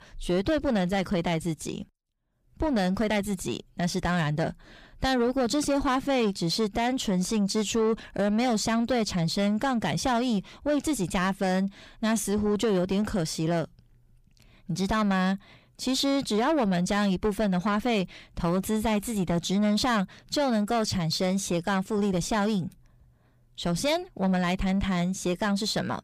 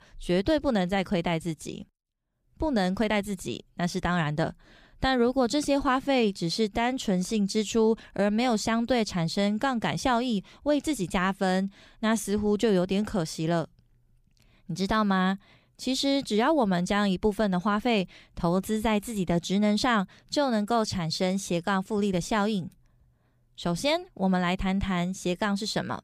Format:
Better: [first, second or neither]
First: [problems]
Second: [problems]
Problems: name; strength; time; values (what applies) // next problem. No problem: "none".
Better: second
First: distortion; slight; 10 dB below the speech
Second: none